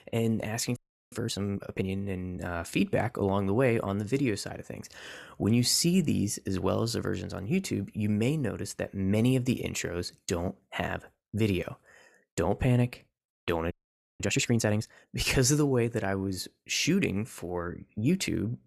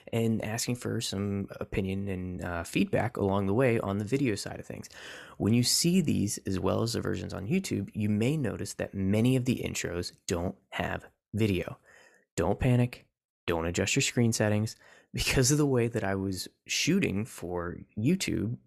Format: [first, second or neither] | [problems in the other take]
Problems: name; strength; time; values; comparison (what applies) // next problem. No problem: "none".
second | audio freezing; at 1 s and at 14 s